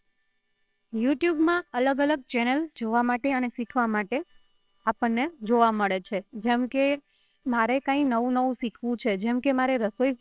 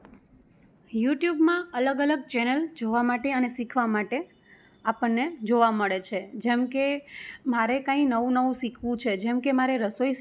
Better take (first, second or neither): second